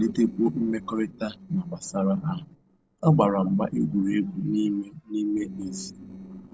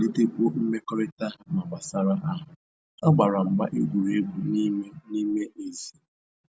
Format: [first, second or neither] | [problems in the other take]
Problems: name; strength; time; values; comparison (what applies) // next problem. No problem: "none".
second | noise reduction (neural separator model SepFormer DNS4)